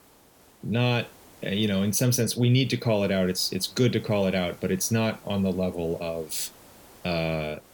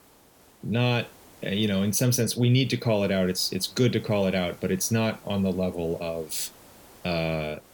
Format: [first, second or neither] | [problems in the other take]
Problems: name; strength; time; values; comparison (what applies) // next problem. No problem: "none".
neither | hiss; faint; throughout; 25 dB below the speech; the same in both